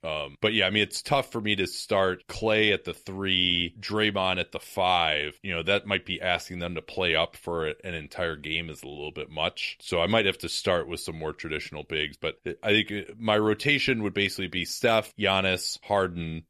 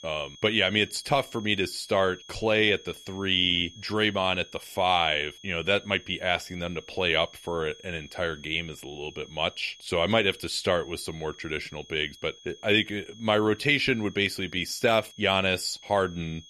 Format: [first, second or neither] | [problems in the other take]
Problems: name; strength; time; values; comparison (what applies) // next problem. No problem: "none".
first | high-pitched whine; faint; throughout; 3.5 kHz, 20 dB below the speech